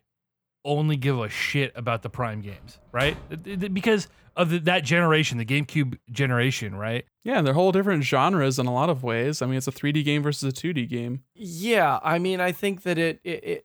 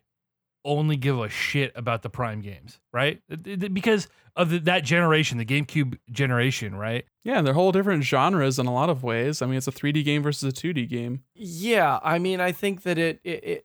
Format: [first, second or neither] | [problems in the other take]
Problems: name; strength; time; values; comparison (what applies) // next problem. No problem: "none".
second | door banging; faint; from 2.5 to 3.5 s; peak 15 dB below the speech